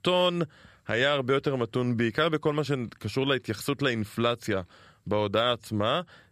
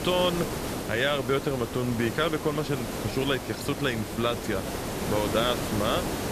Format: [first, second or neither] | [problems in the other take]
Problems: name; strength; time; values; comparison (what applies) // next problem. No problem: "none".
first | hiss; loud; throughout; 4 dB below the speech